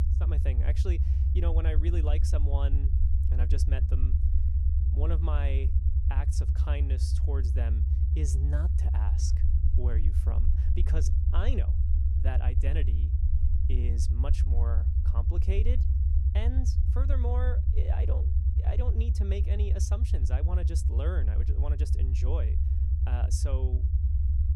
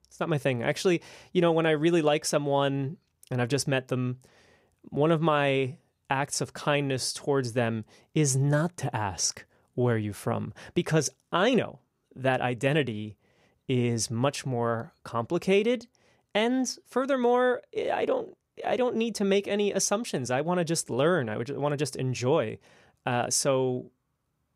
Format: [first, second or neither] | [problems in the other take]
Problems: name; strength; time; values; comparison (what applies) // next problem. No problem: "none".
second | low rumble; loud; throughout; 3 dB below the speech